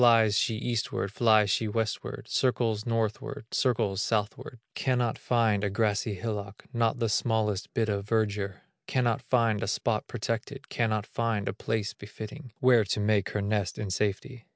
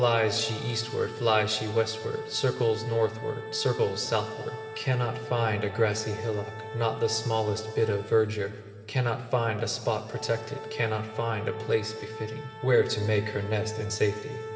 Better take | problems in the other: first | background sound (Organ); 12 dB below the speech // room echo; dies away in 2.5 s

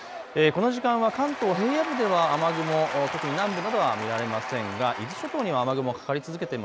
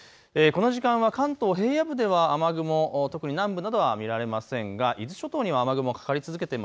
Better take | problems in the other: second | background sound (Applause / Crowd / Cheering); 8 dB below the speech

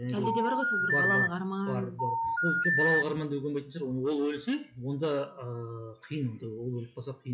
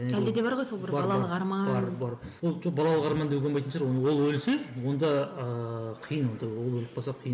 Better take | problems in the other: second | noise reduction (classical method log-MMSE)

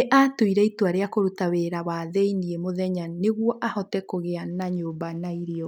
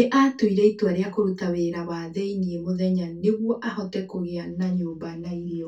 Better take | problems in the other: first | room echo; dies away in 0.2 s

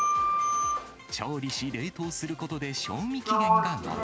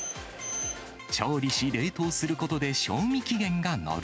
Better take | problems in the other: second | background sound (Sliding door); 4 dB above the speech

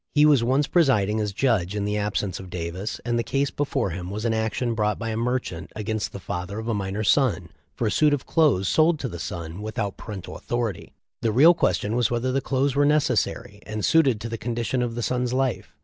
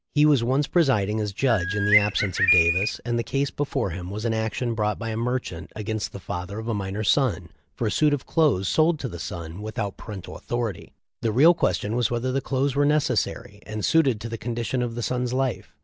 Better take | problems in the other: first | background sound (Bird); as loud as the speech

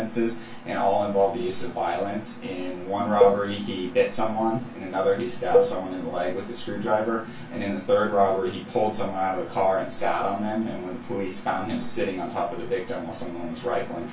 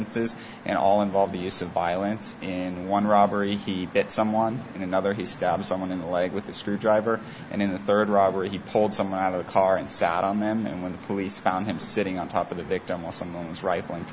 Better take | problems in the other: second | background sound (Cowbell); 1 dB below the speech // room echo; dies away in 0.2 s

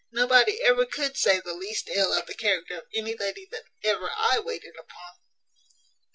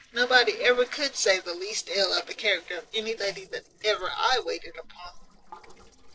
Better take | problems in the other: first | noise reduction (neural separator model SepFormer DNS4)

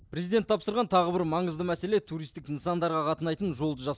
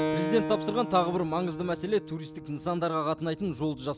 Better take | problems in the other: first | background sound (Keyboard (musical)); 6 dB below the speech

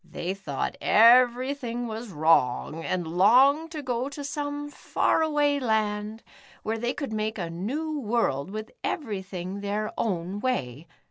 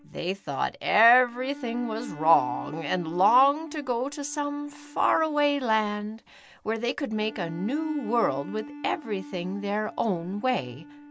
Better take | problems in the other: first | background sound (Bowed string instrument); 16 dB below the speech

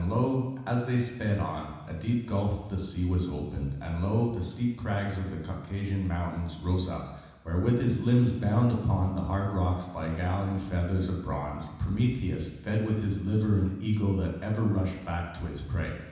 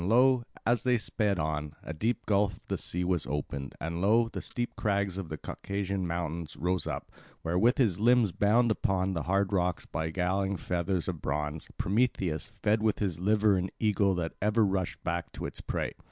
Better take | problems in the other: second | room echo; dies away in 1.1 s

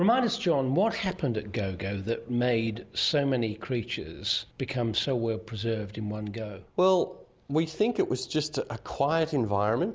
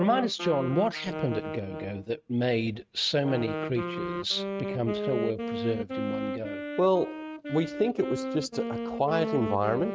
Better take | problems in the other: first | noise reduction (neural mask model RNNoise)

